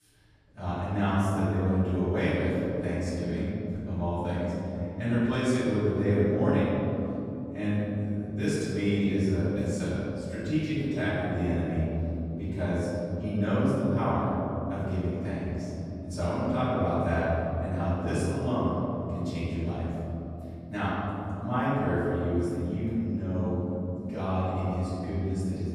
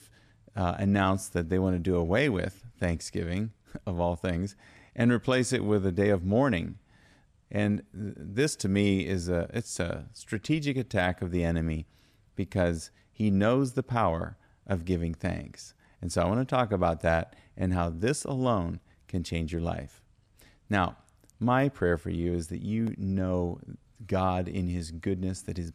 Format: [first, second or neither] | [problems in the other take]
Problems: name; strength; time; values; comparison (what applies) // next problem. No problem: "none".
second | off-mic speech; far // room echo; strong; dies away in 3 s